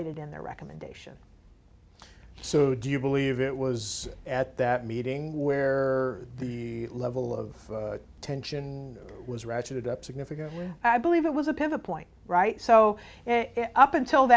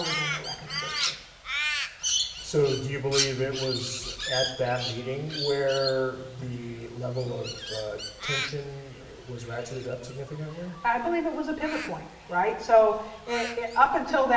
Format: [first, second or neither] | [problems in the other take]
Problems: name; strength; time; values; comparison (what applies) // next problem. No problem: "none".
first | background sound (Crow); 6 dB below the speech // room echo; dies away in 0.9 s